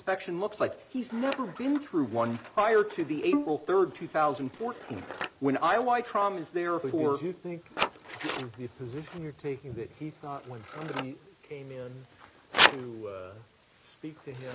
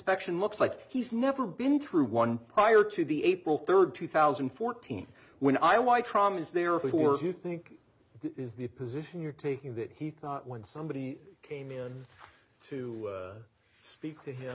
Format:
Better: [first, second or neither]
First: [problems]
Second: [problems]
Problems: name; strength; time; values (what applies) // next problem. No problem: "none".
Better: second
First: background sound (Scissors + Bowed string instrument); 5 dB below the speech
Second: none